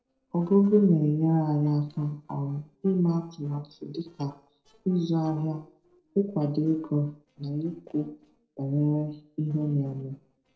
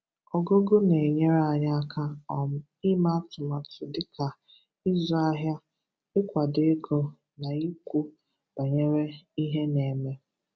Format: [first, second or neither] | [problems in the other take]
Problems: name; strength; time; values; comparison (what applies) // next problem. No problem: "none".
second | noise reduction (neural separator model SepFormer DNS4)